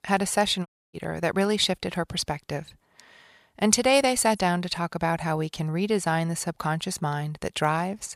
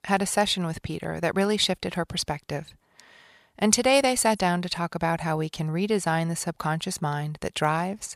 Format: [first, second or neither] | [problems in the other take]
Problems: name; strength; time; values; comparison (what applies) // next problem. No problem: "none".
second | audio cutting out; at 0.5 s